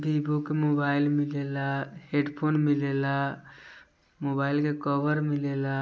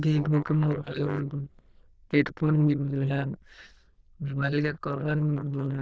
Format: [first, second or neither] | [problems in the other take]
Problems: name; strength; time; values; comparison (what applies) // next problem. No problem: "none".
first | noise reduction (neural diffusion model UNIVERSE++)